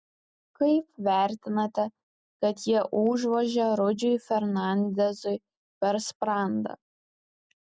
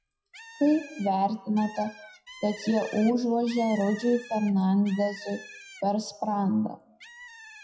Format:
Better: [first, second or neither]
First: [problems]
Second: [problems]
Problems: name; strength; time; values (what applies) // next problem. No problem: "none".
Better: first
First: none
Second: noise reduction (classical method WPE with log-MMSE)